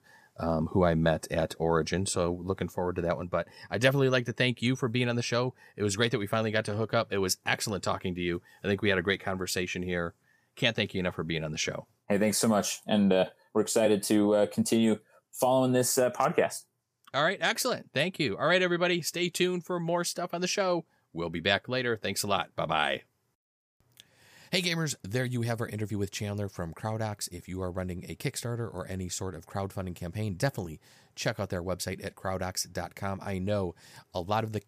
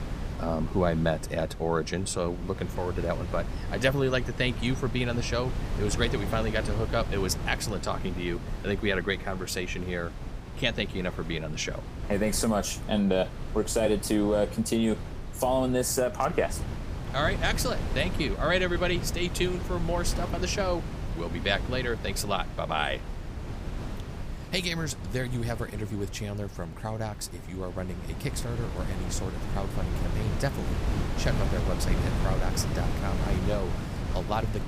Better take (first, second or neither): first